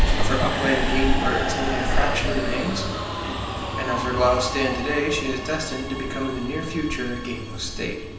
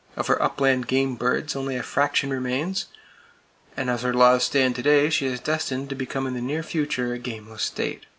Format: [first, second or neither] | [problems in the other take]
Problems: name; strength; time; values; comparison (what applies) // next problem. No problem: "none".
second | background sound (Subway, metro, underground); 2 dB above the speech // room echo; dies away in 0.9 s